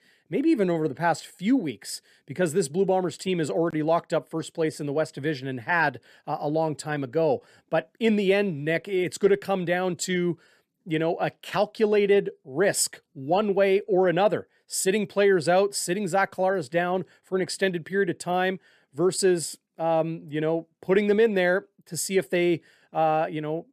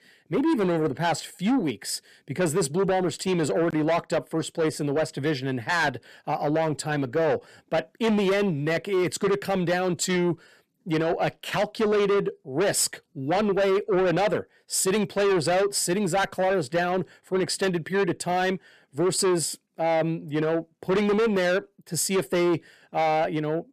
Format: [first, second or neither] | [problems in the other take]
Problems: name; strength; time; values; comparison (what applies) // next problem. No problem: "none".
first | distortion; heavy; 8 dB below the speech